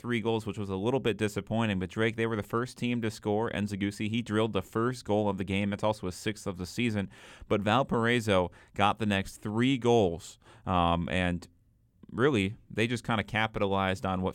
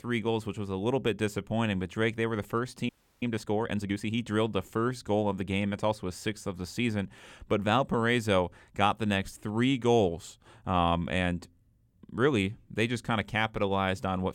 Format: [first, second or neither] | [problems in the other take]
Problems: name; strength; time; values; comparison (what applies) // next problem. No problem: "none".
first | audio freezing; at 3 s